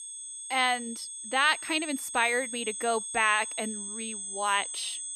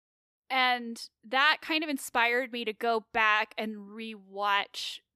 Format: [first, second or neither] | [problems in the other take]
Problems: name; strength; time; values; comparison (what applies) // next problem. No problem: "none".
second | high-pitched whine; loud; throughout; 8 kHz, 7 dB below the speech